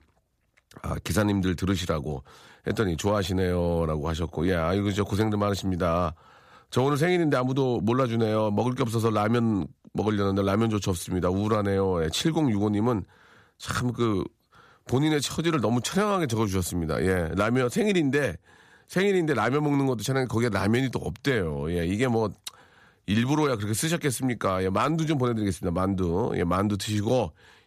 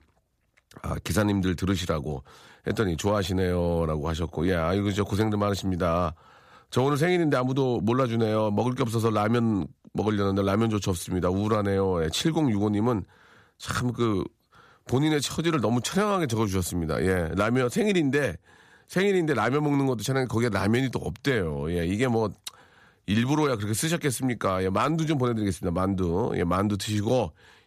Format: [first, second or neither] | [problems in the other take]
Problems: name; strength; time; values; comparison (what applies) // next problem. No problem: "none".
neither | none